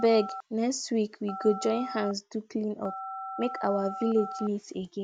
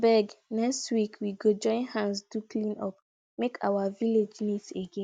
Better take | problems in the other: second | background sound (Telephone); 11 dB below the speech

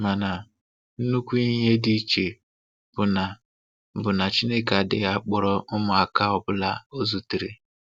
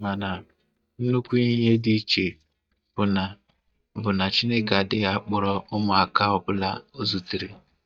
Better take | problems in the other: first | noise reduction (neural mask model DeepFilterNet 3)

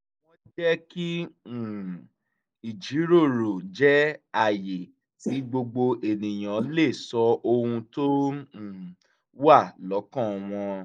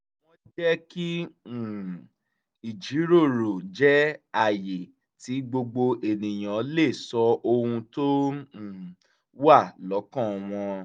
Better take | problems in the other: second | noise reduction (neural mask model Resemble Enhance denoiser)

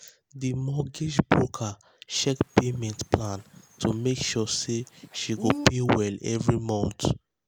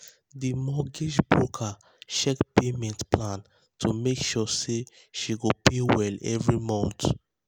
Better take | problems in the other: second | background sound (Bird); 14 dB below the speech

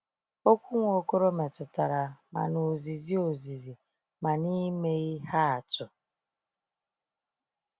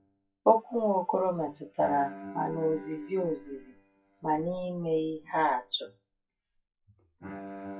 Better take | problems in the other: first | noise reduction (classical method WPE with log-MMSE)

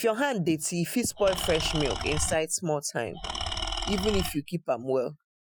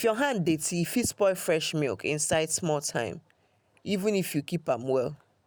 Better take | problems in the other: second | noise reduction (classical method Wiener filter)

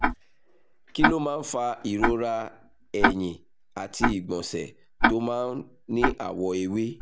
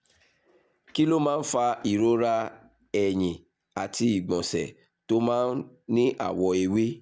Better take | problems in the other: second | background sound (Tick-tock); as loud as the speech

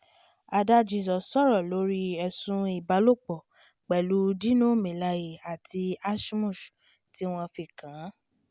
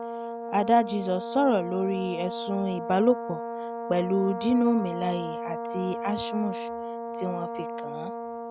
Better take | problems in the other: first | background sound (Brass instrument); 6 dB below the speech

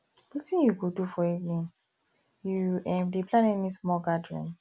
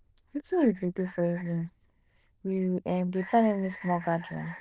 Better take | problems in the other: first | noise reduction (neural diffusion model UNIVERSE++)

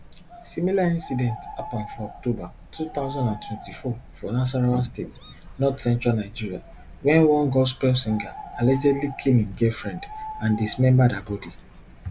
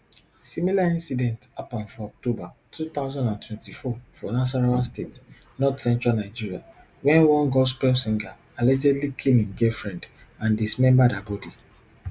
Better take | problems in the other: second | background sound (Bird); 16 dB below the speech

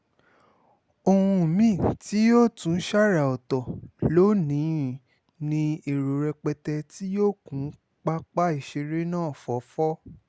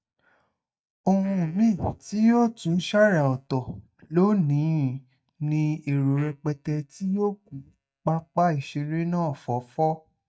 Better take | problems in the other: first | noise reduction (neural mask model DeepFilterNet 3)

